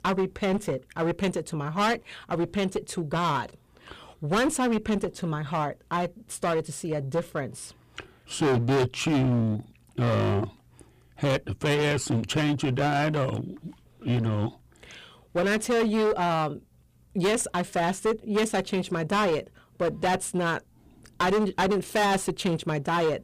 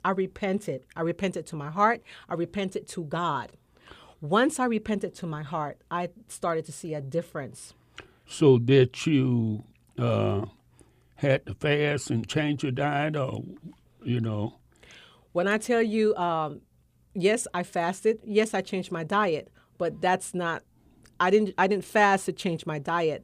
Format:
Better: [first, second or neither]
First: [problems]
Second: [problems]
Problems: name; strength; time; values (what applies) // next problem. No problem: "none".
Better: second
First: distortion; heavy; 14% of the sound clipped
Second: none